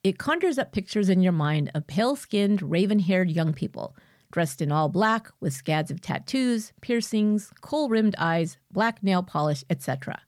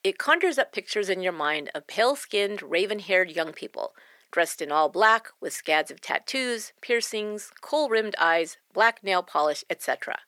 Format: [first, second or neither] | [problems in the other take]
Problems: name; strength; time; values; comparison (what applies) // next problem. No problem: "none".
first | thin; very; fading below 400 Hz